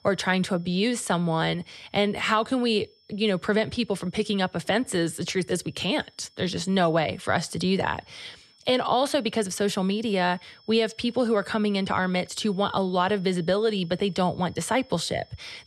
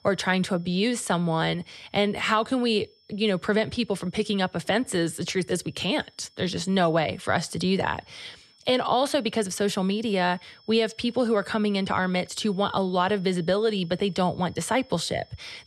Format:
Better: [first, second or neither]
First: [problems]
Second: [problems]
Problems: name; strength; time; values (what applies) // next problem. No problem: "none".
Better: neither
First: high-pitched whine; faint; throughout; 5.5 kHz, 30 dB below the speech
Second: high-pitched whine; faint; throughout; 5.5 kHz, 30 dB below the speech